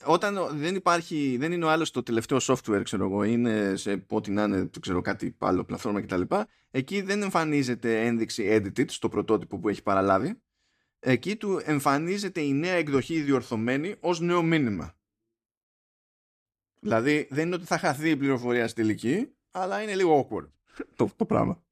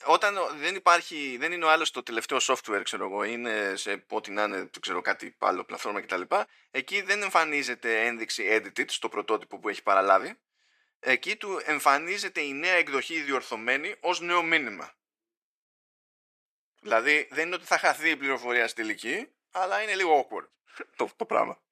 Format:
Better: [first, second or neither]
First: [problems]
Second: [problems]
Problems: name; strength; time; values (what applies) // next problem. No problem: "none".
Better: first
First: none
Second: thin; very; fading below 650 Hz